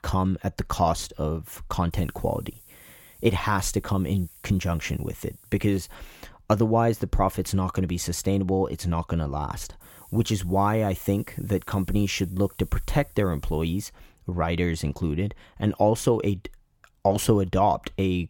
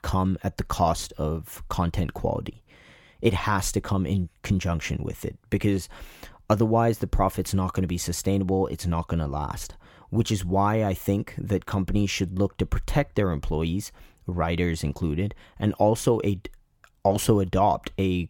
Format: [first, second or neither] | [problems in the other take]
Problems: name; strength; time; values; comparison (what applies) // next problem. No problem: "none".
second | hiss; faint; from 2 to 6 s and from 10 to 14 s; 25 dB below the speech